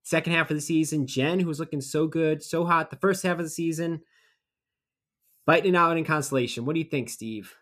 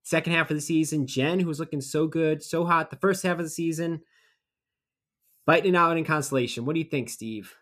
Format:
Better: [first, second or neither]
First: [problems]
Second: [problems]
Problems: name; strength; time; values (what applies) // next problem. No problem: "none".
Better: neither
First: none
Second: none